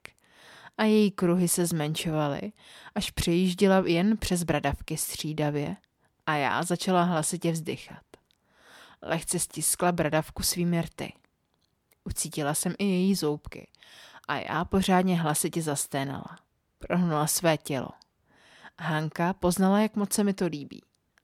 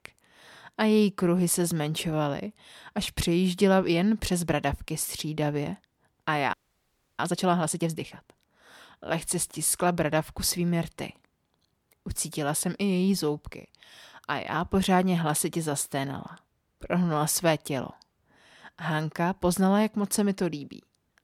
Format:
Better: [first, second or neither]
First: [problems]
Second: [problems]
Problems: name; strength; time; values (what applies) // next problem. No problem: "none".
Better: first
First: none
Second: audio freezing; at 6.5 s for 0.5 s